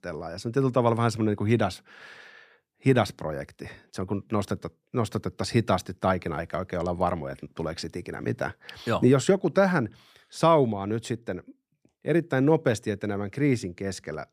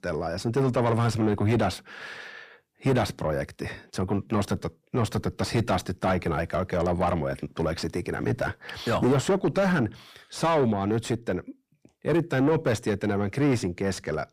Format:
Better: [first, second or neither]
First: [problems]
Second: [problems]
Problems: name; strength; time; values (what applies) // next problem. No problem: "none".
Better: first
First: none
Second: distortion; heavy; 5 dB below the speech